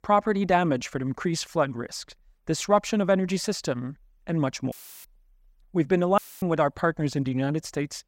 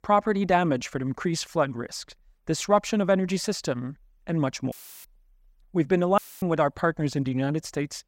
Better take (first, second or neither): neither